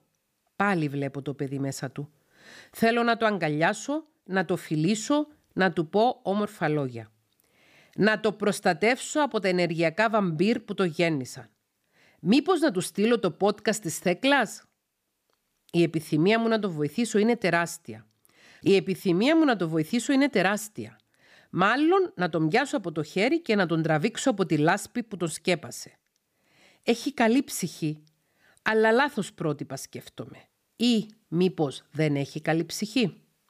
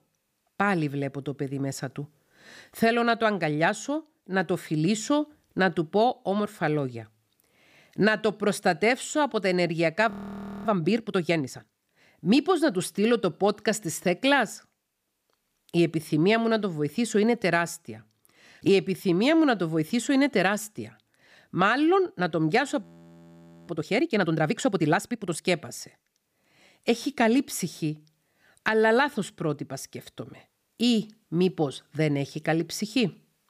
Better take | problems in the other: first | audio freezing; at 10 s for 0.5 s and at 23 s for 1 s

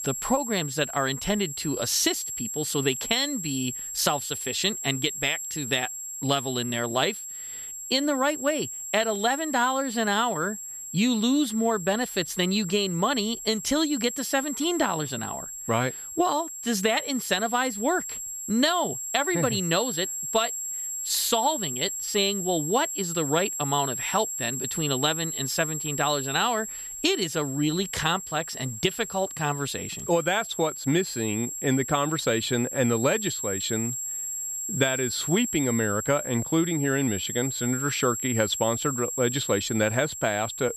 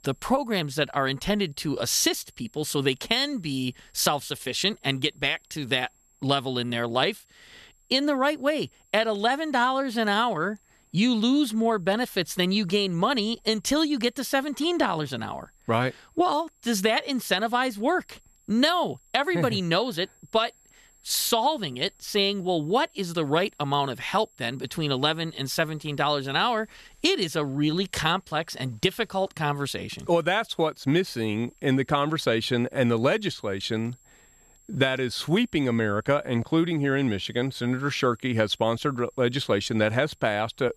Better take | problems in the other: second | high-pitched whine; loud; throughout; 7.5 kHz, 5 dB below the speech; faint in the second

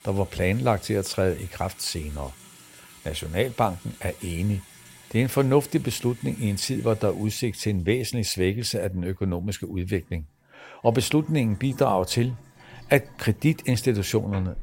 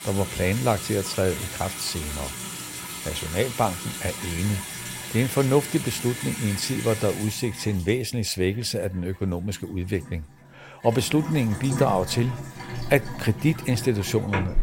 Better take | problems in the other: first | household noises; loud; throughout; 7 dB below the speech; faint in the first

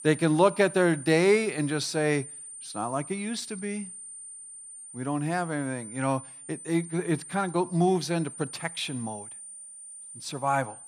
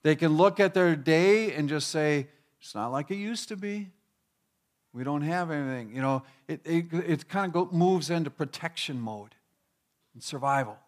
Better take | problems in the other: second | high-pitched whine; noticeable; throughout; 9 kHz, 15 dB below the speech

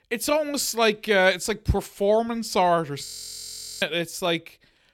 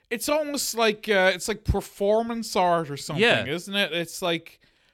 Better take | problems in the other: second | audio freezing; at 3 s for 1 s

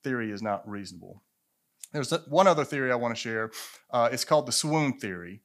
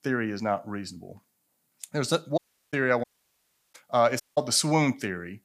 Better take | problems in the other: first | audio cutting out; at 2.5 s, at 3 s for 0.5 s and at 4 s

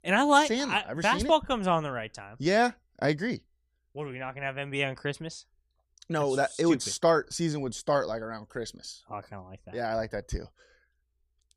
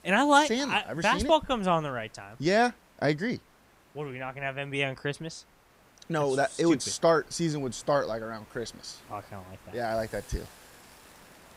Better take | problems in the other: first | hiss; faint; throughout; 25 dB below the speech

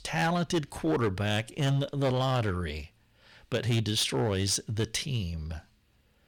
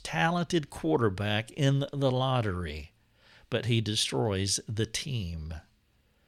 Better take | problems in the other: second | distortion; slight; 7% of the sound clipped

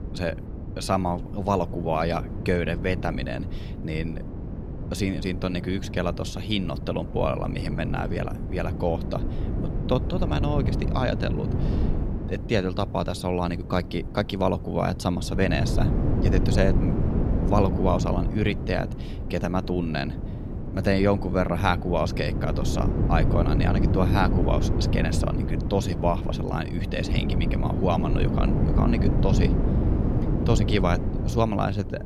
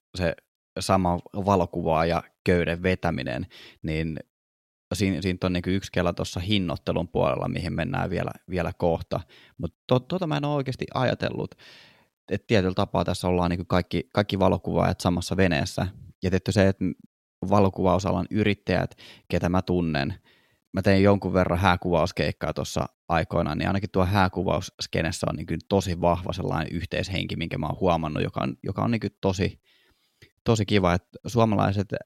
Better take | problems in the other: second | wind noise on the microphone; heavy; 8 dB below the speech

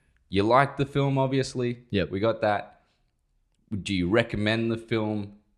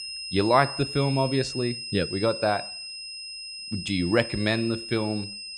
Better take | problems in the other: first | high-pitched whine; loud; throughout; 5 kHz, 8 dB below the speech

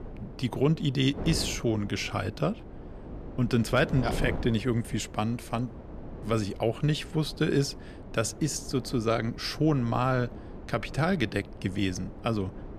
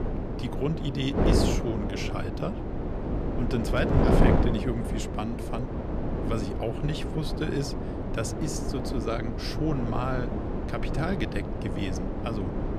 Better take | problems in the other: first | wind noise on the microphone; heavy; 1 dB above the speech; occasional gusts in the first

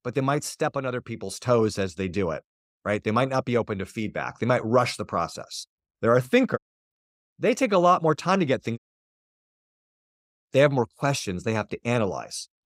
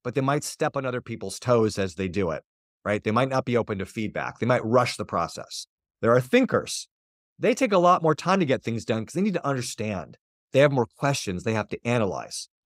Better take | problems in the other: second | audio cutting out; at 6.5 s and at 9 s for 1.5 s

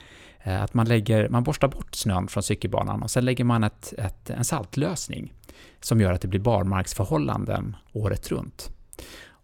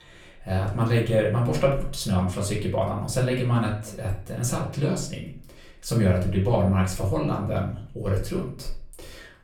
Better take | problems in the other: first | room echo; slight; dies away in 0.4 s // off-mic speech; far

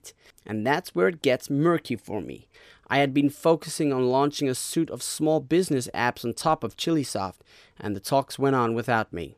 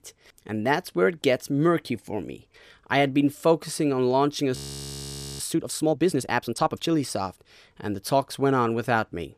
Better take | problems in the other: first | audio freezing; at 4.5 s for 1 s

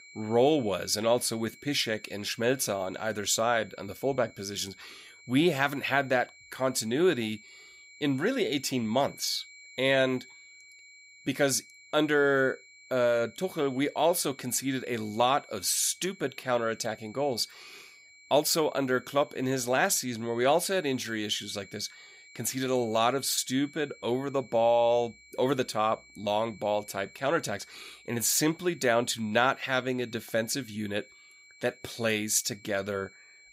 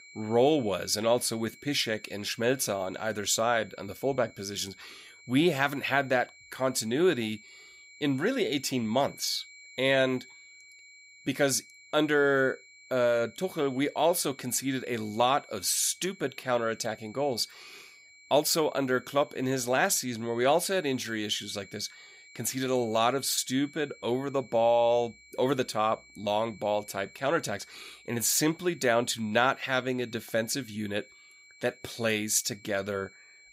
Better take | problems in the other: neither | high-pitched whine; faint; throughout; 2.5 kHz, 25 dB below the speech; the same in both

